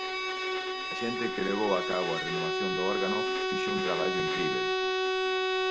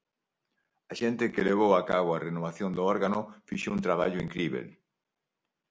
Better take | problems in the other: second | background sound (Bowed string instrument); 5 dB above the speech

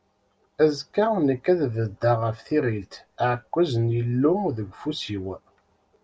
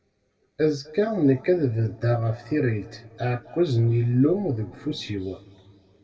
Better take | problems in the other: first | room echo; dies away in 1.6 s

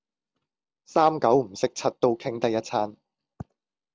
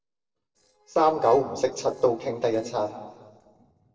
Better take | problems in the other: first | noise reduction (neural separator model SepFormer DNS4)

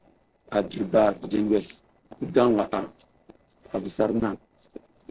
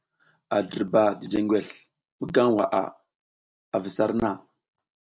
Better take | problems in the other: second | noise reduction (neural separator model SepFormer DNS4)

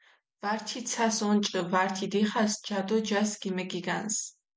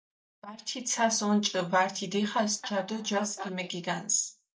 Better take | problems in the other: first | noise reduction (neural mask model DeepFilterNet 3)

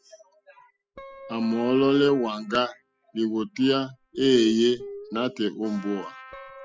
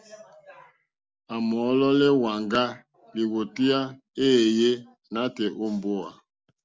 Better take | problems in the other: second | noise reduction (classical method spectral subtraction)

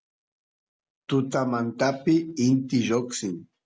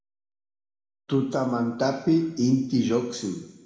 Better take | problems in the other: first | room echo; dies away in 1 s

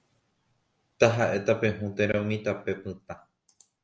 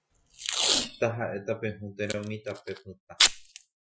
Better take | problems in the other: first | noise reduction (classical method Wiener filter)

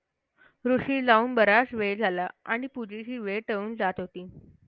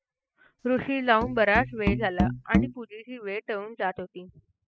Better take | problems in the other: first | noise reduction (classical method spectral subtraction)

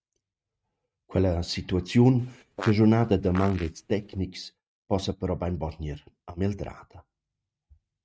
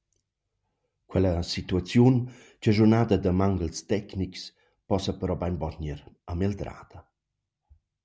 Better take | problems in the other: second | noise reduction (neural mask model RNNoise)

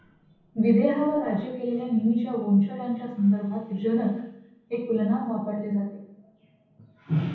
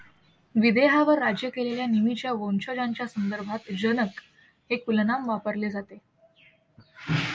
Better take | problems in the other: second | room echo; dies away in 0.9 s

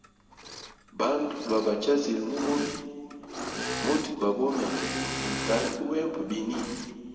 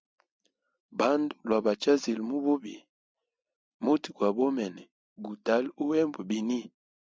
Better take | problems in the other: second | background sound (Engine / Mechanisms); 7 dB below the speech // room echo; dies away in 2.1 s

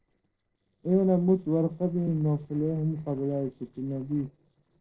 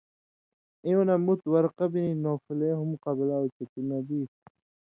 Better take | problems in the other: second | noise reduction (neural separator model SepFormer DNS4)

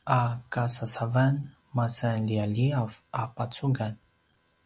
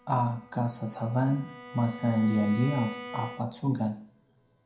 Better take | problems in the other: first | background sound (Bowed string instrument); 15 dB below the speech // room echo; dies away in 0.4 s

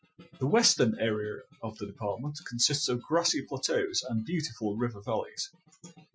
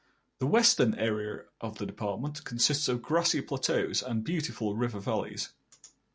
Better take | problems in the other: second | noise reduction (classical method Wiener filter)

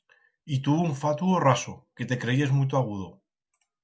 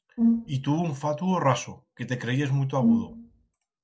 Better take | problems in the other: first | noise reduction (neural separator model SepFormer DNS4)

